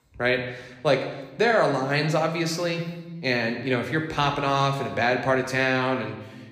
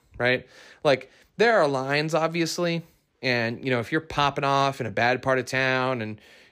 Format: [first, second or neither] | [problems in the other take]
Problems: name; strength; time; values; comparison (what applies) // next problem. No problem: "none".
second | room echo; slight; dies away in 0.9 s